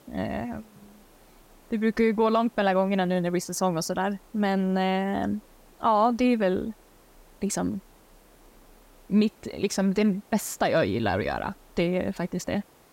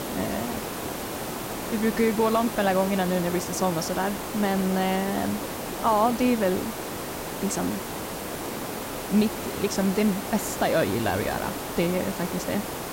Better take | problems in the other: first | hiss; loud; throughout; 6 dB below the speech; faint in the first

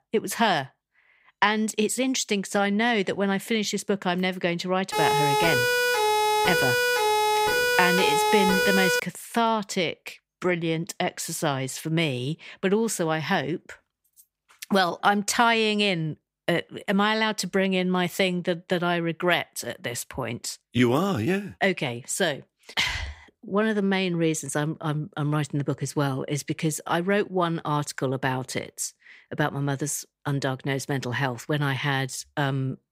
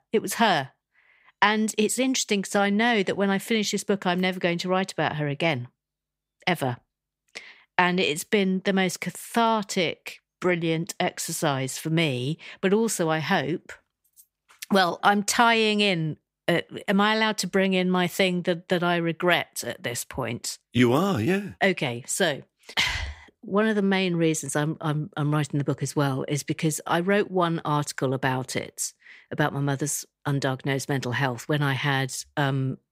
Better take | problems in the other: second | siren; loud; from 5 to 9 s; peak 4 dB above the speech

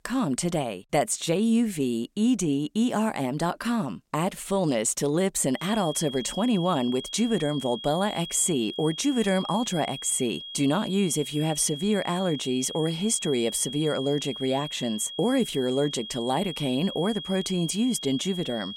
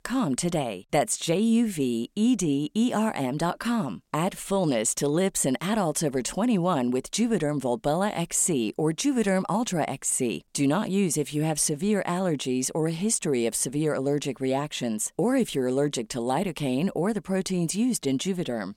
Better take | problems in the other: second | high-pitched whine; loud; from 5.5 s on; 3.5 kHz, 10 dB below the speech

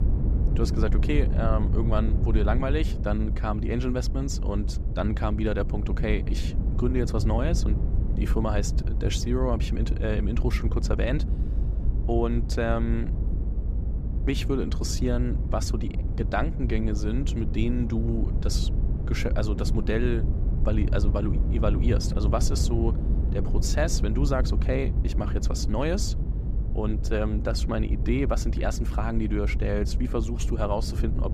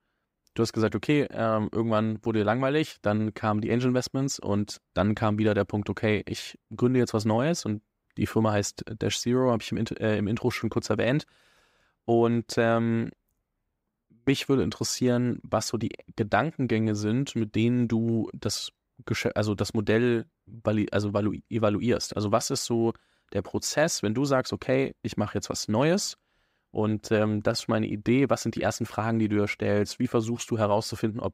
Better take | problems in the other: second | low rumble; loud; throughout; 10 dB below the speech

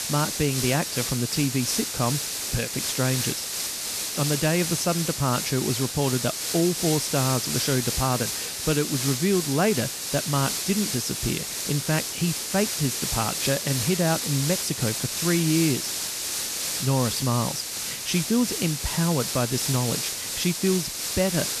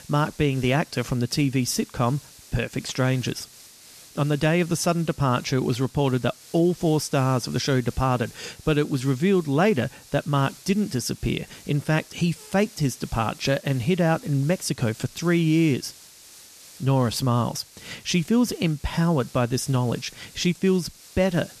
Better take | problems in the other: second | hiss; loud; throughout; 1 dB below the speech; faint in the second

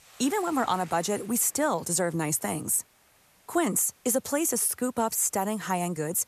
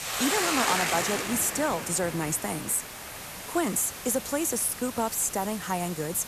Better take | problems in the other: first | hiss; loud; throughout; 4 dB below the speech; faint in the first

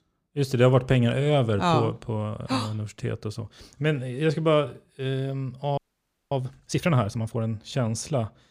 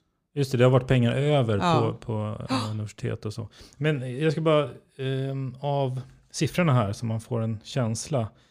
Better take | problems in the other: second | audio freezing; at 6 s for 0.5 s

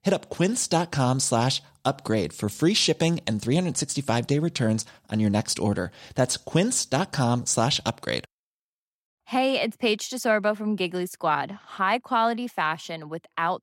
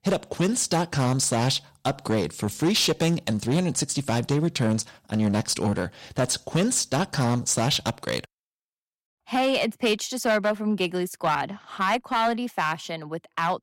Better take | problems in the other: first | distortion; slight; 7% of the sound clipped

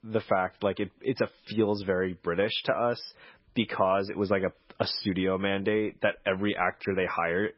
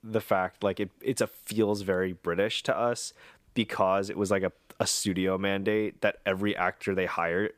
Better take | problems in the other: second | garbled, watery; badly; nothing above 5.5 kHz

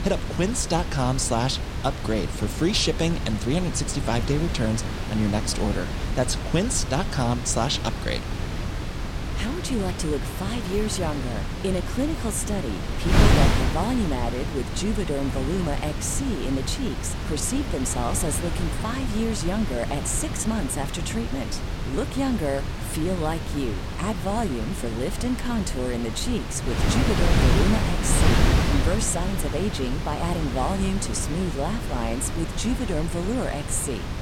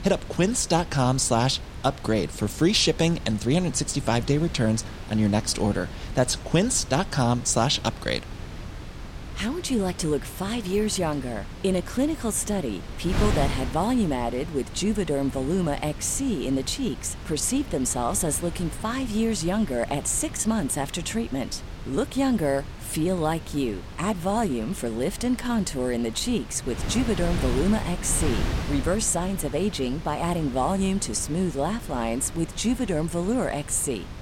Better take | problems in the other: second | wind noise on the microphone; heavy; 3 dB below the speech; occasional gusts in the second

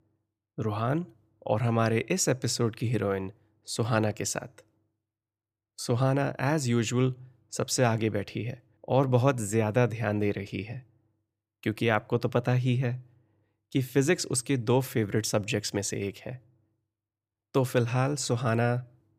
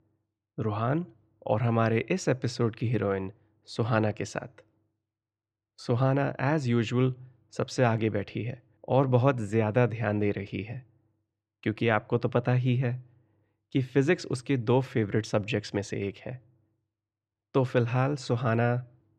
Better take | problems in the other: first | muffled; slightly; fading above 3.5 kHz

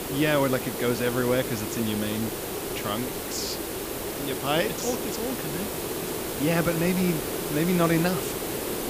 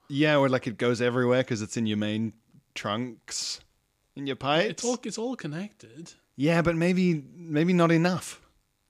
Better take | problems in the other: second | hiss; loud; throughout; 3 dB below the speech

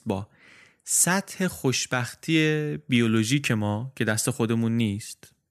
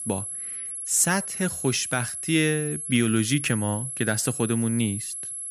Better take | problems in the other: first | high-pitched whine; loud; throughout; 11 kHz, 6 dB below the speech

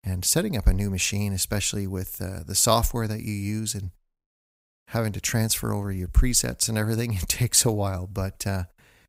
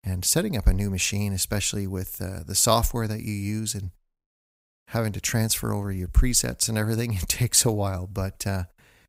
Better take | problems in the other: neither | none

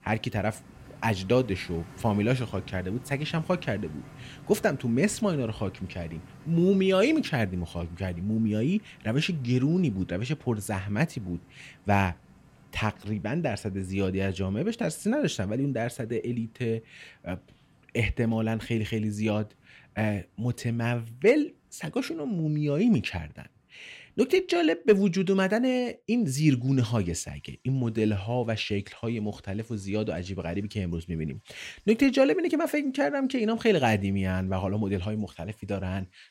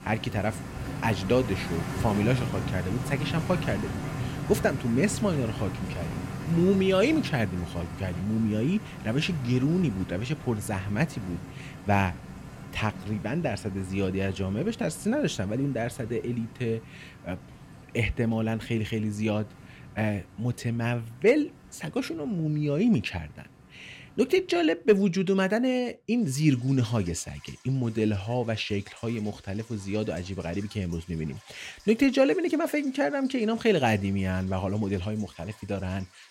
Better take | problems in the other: first | rain or running water; loud; throughout; 9 dB below the speech; faint in the first

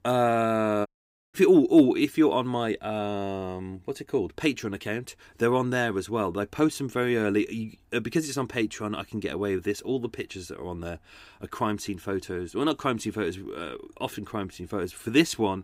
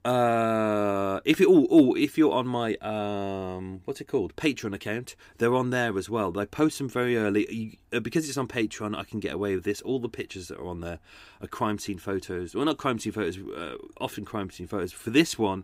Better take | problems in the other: second | audio cutting out; at 1 s

